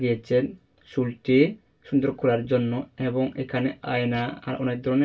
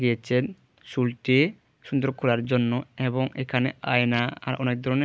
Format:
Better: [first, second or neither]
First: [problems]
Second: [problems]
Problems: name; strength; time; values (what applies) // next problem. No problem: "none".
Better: second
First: room echo; dies away in 0.2 s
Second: none